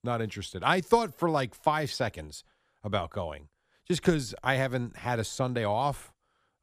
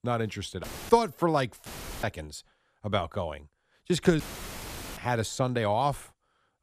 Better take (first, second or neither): first